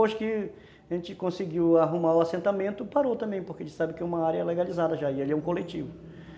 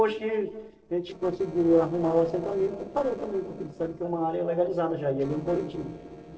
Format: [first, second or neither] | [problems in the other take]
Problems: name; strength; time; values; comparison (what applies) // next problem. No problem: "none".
first | noise reduction (neural separator model SepFormer DNS4)